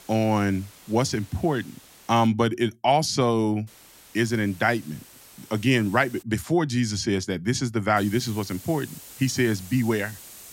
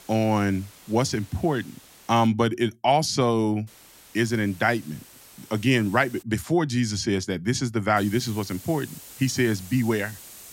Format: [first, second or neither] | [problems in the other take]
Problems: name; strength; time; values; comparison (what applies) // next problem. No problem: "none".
neither | hiss; noticeable; until 2.5 s, from 3.5 to 6 s and from 8 s on; 20 dB below the speech; the same in both